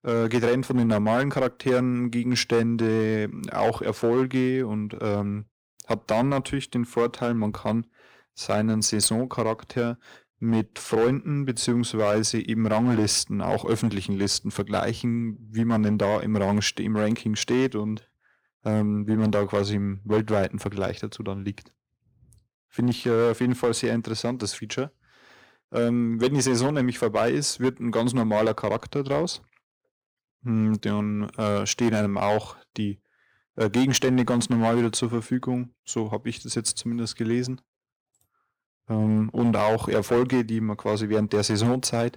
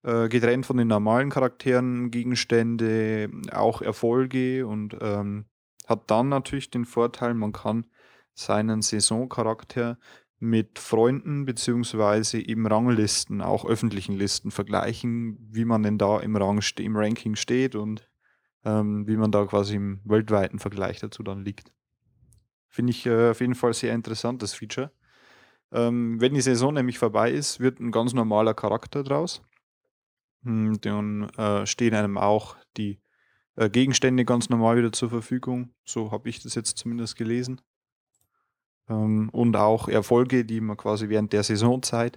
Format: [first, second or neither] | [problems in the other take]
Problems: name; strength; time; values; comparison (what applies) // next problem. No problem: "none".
second | distortion; slight; 4% of the sound clipped